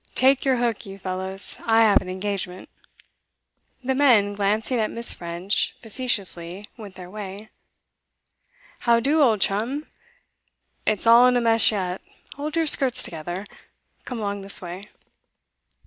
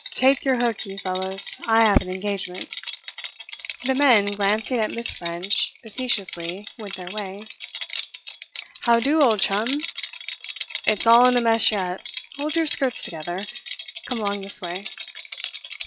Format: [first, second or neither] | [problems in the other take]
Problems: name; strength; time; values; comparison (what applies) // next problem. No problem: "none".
first | noise reduction (classical method log-MMSE)